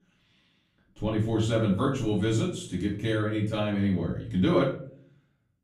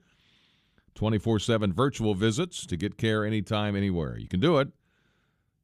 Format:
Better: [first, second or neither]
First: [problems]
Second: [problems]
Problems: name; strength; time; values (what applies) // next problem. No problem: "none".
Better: second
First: off-mic speech; far // room echo; slight; dies away in 0.4 s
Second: none